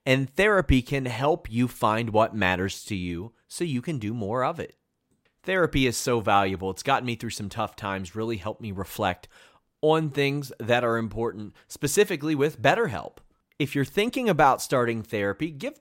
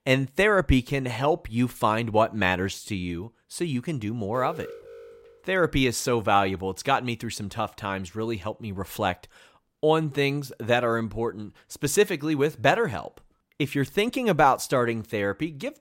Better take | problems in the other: first | alarm; faint; from 4.5 to 5.5 s; peak 15 dB below the speech

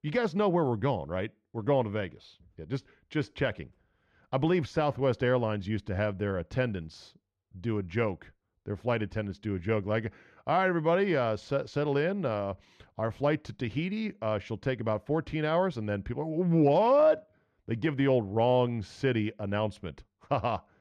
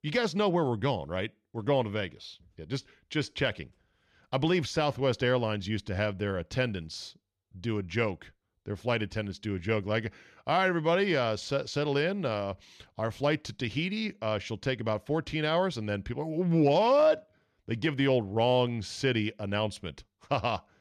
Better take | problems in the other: second | muffled; slightly; fading above 2.5 kHz

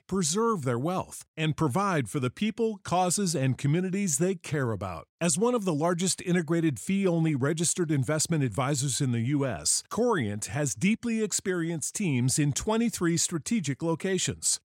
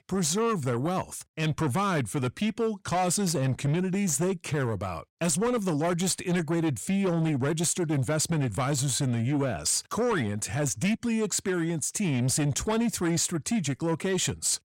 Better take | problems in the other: first | distortion; slight; 10 dB below the speech

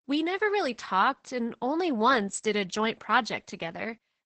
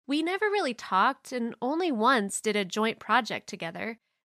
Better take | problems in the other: second | garbled, watery; badly; nothing above 8 kHz

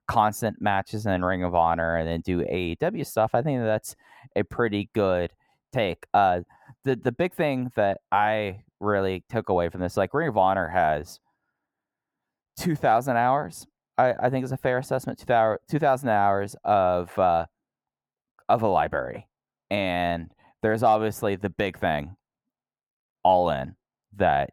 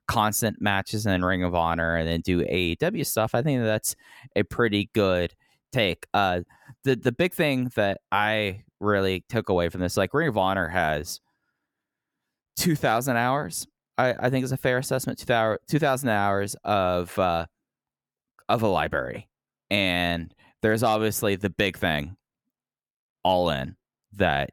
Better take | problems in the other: second | muffled; slightly; fading above 2.5 kHz

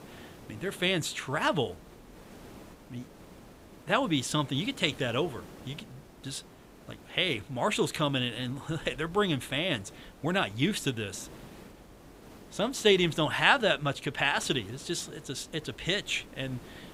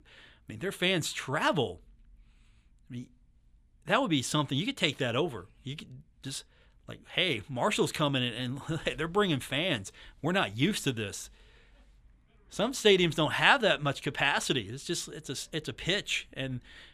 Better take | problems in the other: second | hiss; faint; throughout; 20 dB below the speech

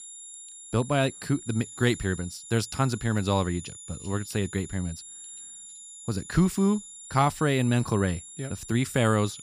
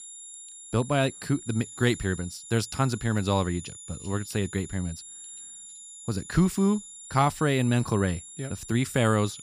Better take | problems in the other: neither | high-pitched whine; noticeable; throughout; 7 kHz, 15 dB below the speech; the same in both

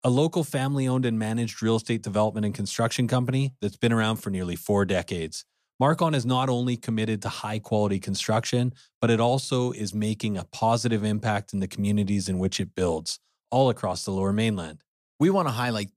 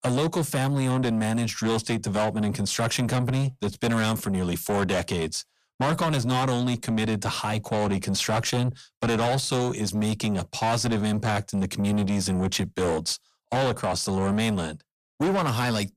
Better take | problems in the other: first | distortion; heavy; 7 dB below the speech

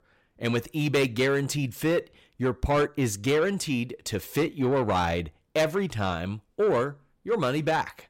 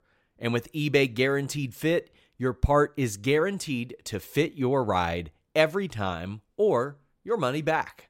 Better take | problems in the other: second | distortion; slight; 10 dB below the speech

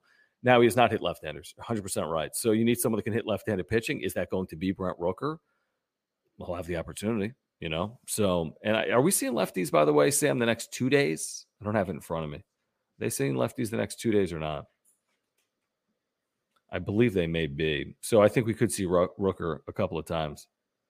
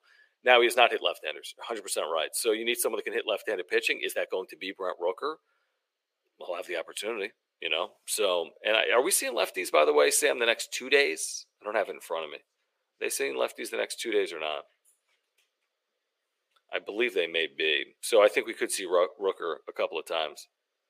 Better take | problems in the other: first | thin; very; fading below 400 Hz

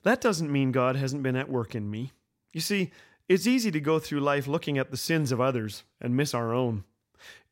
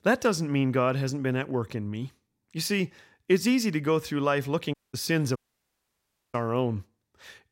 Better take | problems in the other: first | audio cutting out; at 4.5 s and at 5.5 s for 1 s

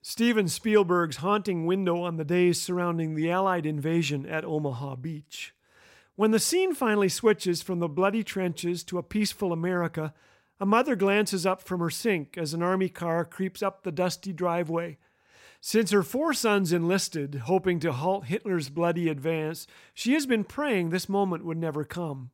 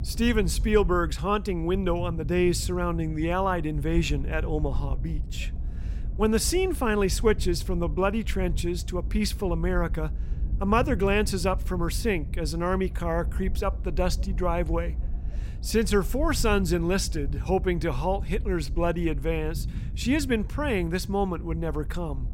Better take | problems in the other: first | low rumble; faint; throughout; 20 dB below the speech

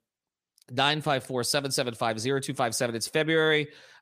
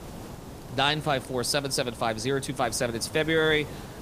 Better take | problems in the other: first | hiss; noticeable; throughout; 15 dB below the speech

